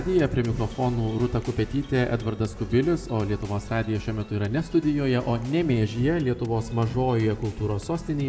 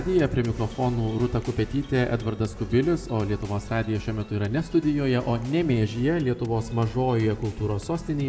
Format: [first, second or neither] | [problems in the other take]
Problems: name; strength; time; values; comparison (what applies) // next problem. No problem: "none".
second | background sound (Cupboard open or close); 15 dB below the speech